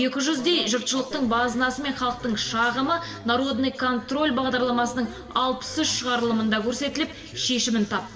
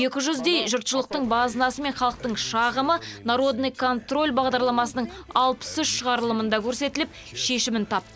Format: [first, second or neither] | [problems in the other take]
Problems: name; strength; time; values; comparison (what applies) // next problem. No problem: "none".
second | room echo; dies away in 1.5 s